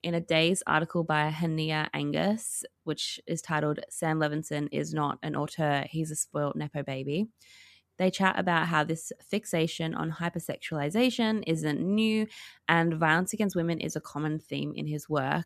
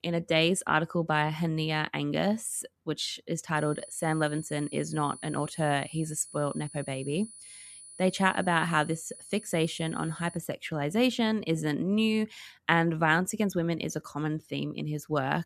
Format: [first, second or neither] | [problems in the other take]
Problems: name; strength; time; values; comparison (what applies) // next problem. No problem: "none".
first | high-pitched whine; noticeable; from 3.5 to 10 s; 10 kHz, 15 dB below the speech